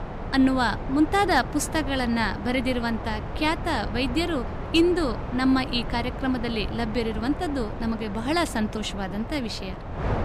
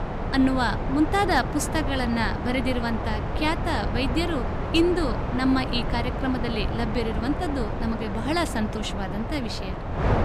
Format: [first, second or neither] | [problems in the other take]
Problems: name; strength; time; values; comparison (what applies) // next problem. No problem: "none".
first | wind noise on the microphone; heavy; 5 dB below the speech; occasional gusts in the first